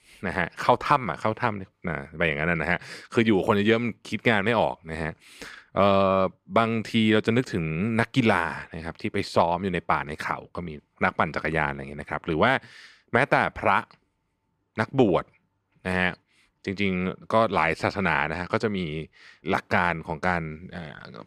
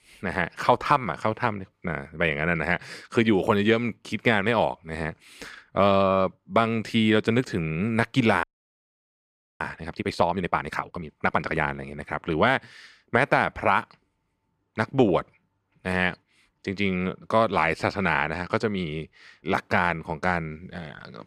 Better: first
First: none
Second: audio freezing; at 8.5 s for 1 s

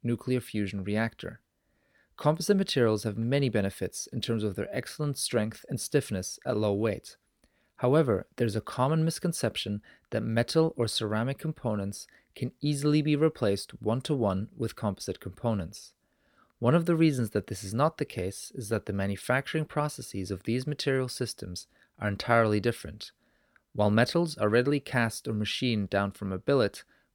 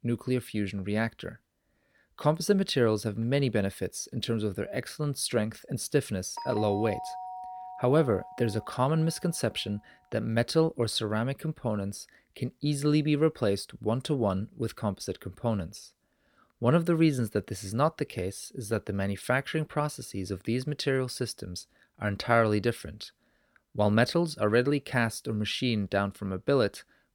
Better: first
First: none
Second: doorbell; noticeable; from 6.5 to 9 s; peak 8 dB below the speech

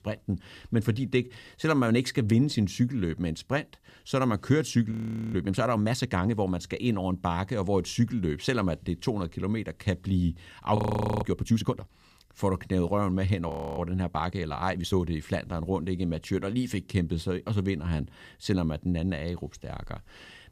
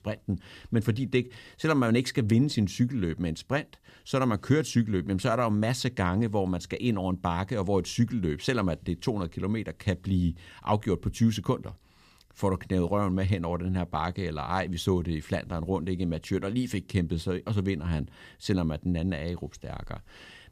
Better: second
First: audio freezing; at 5 s, at 11 s and at 13 s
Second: none

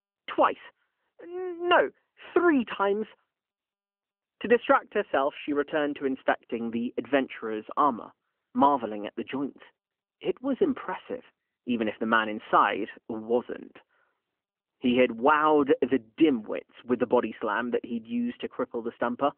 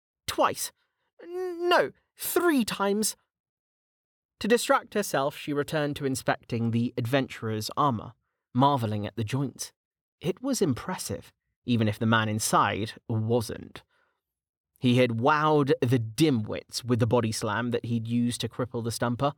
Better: second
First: phone-call audio; nothing above 3 kHz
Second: none

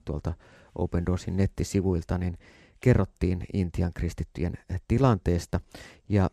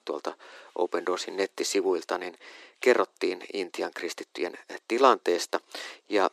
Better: first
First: none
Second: thin; very; fading below 350 Hz

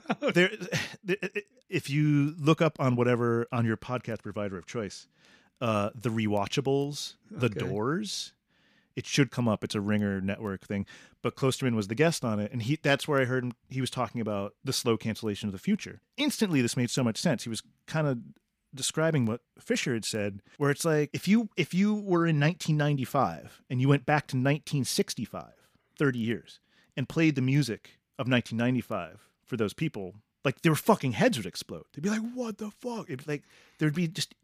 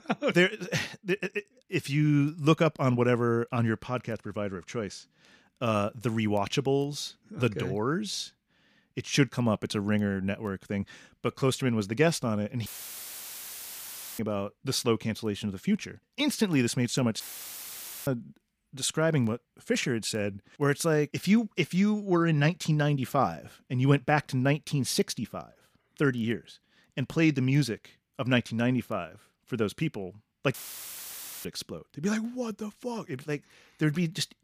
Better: first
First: none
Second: audio cutting out; filled with static; at 13 s for 1.5 s, at 17 s for 1 s and at 31 s for 1 s

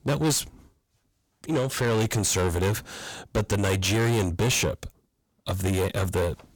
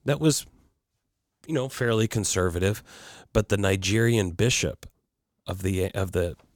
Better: second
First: distortion; heavy; 6 dB below the speech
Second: none

